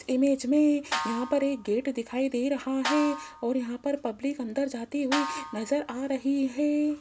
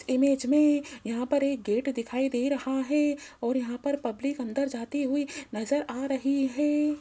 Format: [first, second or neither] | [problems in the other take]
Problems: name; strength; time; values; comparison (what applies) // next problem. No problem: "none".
second | background sound (Snare drum); 10 dB below the speech